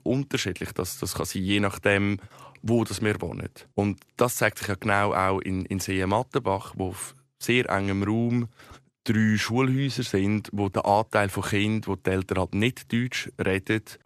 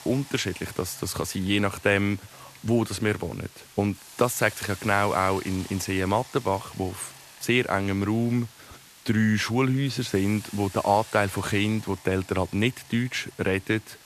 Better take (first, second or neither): first